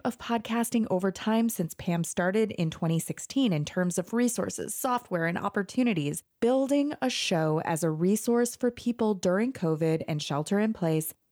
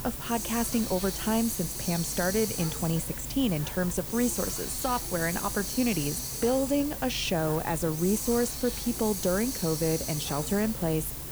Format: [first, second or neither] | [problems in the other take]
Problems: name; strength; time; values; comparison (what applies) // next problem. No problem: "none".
first | hiss; loud; throughout; 4 dB below the speech